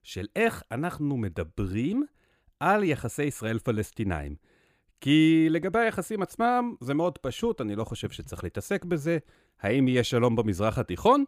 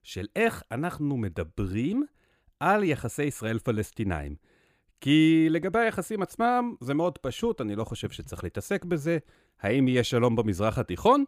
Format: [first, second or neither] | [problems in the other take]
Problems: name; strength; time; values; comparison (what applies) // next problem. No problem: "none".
neither | none